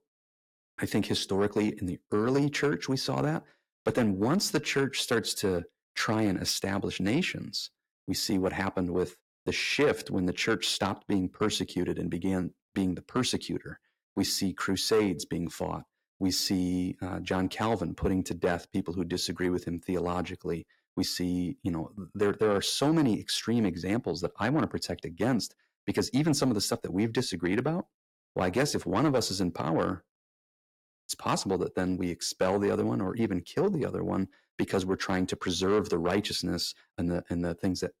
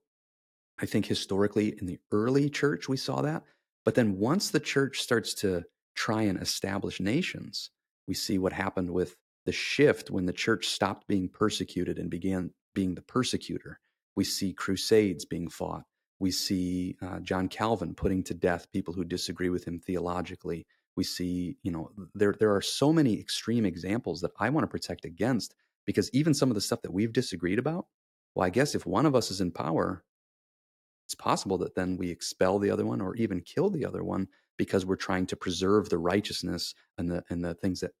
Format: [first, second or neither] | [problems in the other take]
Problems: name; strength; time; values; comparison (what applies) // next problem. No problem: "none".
second | distortion; slight; 10 dB below the speech